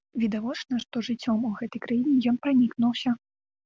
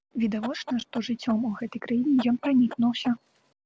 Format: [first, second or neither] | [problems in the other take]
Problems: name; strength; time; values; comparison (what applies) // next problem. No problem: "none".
first | background sound (Chicken, rooster); 18 dB below the speech